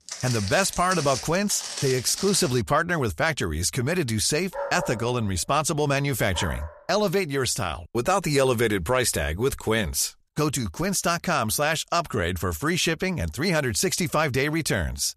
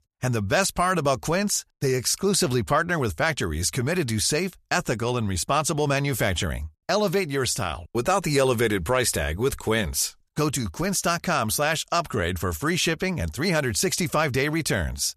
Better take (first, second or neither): second